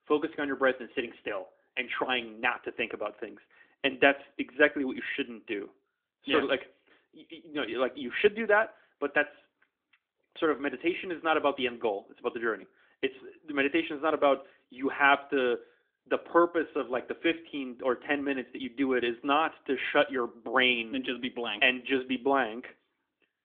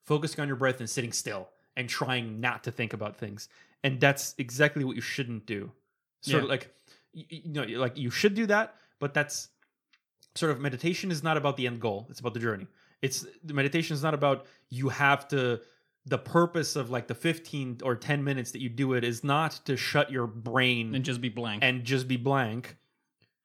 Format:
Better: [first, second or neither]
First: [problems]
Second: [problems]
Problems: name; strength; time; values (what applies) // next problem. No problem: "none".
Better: second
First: phone-call audio; nothing above 3.5 kHz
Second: none